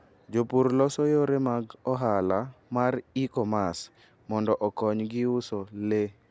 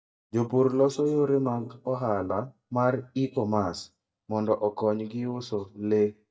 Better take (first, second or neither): first